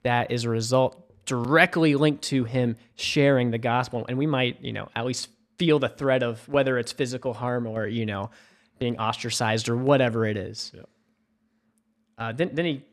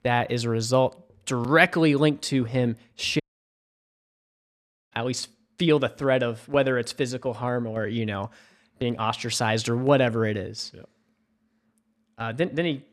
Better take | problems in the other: first | audio cutting out; at 3 s for 1.5 s

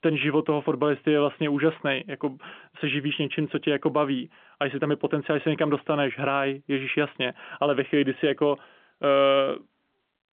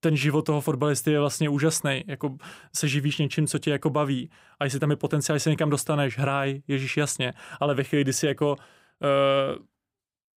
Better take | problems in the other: second | phone-call audio; nothing above 3.5 kHz

